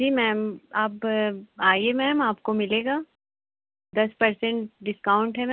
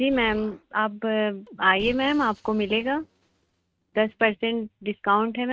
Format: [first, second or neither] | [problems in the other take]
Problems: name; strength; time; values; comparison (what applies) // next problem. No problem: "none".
first | noise reduction (neural mask model RNNoise)